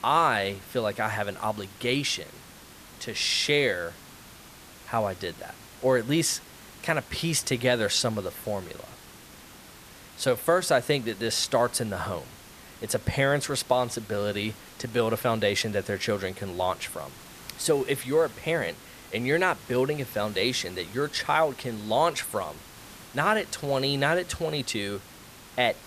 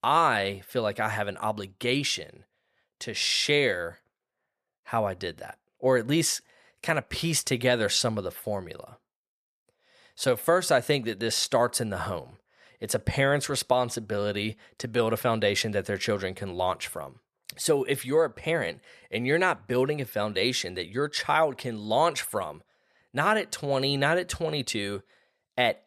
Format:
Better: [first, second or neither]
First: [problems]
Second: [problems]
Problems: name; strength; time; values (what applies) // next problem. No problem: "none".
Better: second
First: hiss; noticeable; throughout; 20 dB below the speech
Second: none